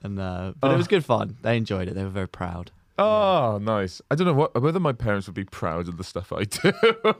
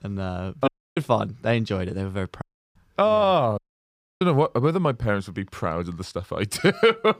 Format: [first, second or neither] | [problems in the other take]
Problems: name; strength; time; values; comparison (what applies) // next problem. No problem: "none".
first | audio cutting out; at 0.5 s, at 2.5 s and at 3.5 s for 0.5 s